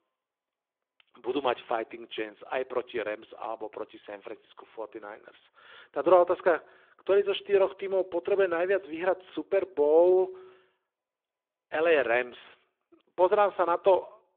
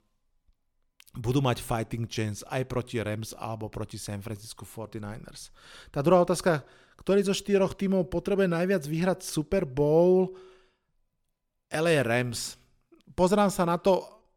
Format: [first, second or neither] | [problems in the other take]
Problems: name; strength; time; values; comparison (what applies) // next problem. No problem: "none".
second | phone-call audio